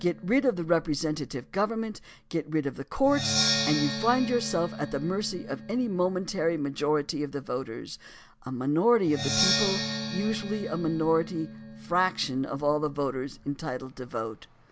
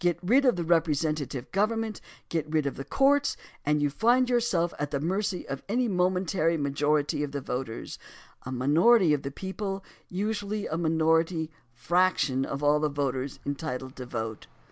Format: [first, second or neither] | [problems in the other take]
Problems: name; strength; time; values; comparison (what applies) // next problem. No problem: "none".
second | background sound (Percussion); 7 dB below the speech